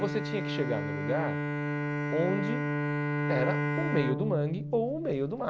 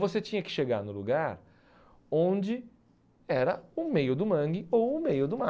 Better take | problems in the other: second | background sound (Bowed string instrument); 1 dB above the speech

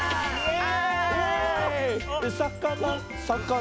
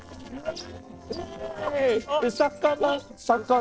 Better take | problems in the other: first | noise reduction (neural separator model SepFormer DNS4)

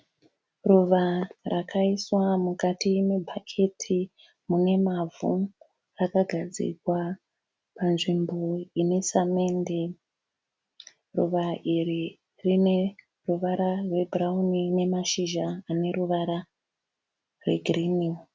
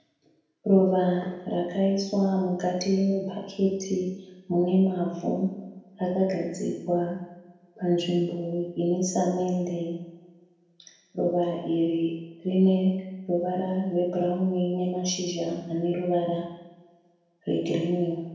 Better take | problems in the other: first | room echo; dies away in 0.9 s

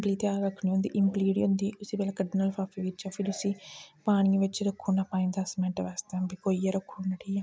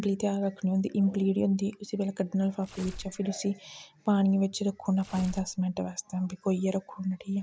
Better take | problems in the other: first | background sound (Tearing); 17 dB below the speech

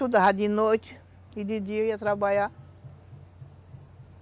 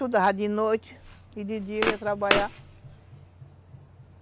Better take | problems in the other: first | background sound (Walk, footsteps); 3 dB below the speech

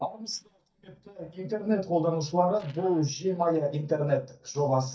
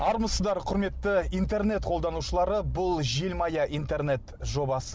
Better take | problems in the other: second | noise reduction (neural mask model DeepFilterNet 3)

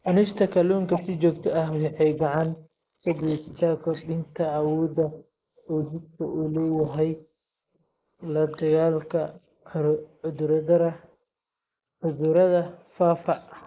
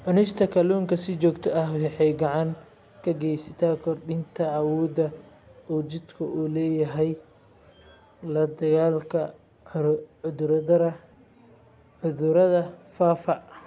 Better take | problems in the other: second | noise reduction (neural mask model Resemble Enhance denoiser)

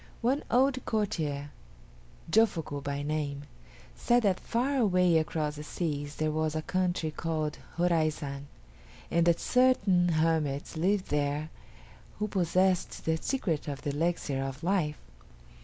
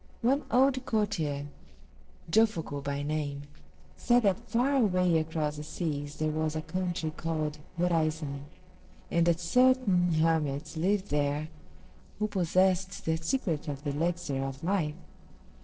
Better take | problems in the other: first | noise reduction (neural separator model SepFormer DNS4)

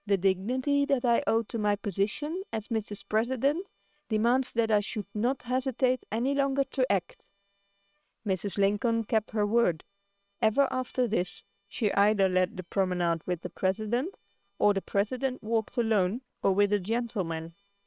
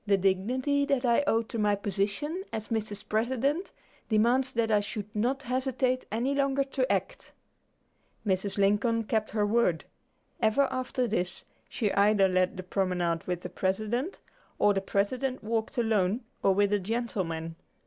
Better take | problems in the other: second | noise reduction (neural separator model SepFormer WHAM!)

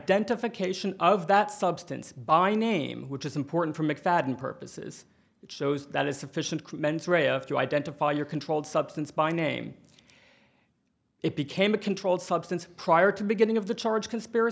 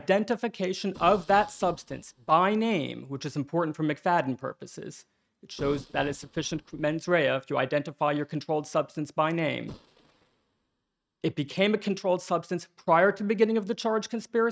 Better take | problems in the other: first | noise reduction (neural mask model RNNoise)

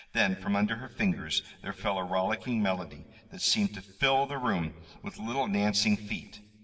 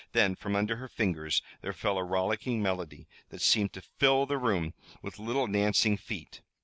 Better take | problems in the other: second | room echo; dies away in 2.4 s

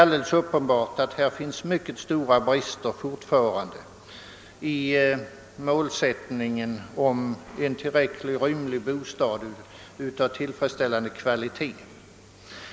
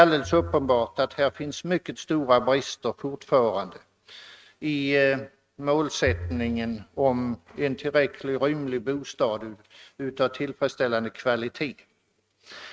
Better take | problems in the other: first | noise reduction (neural mask model RNNoise)

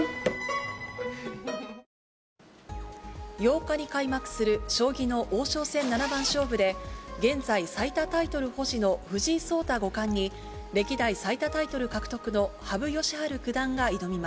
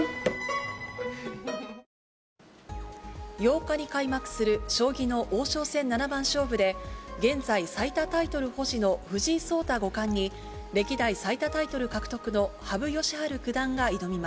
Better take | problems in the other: second | background sound (Zipper (clothing)); 12 dB below the speech

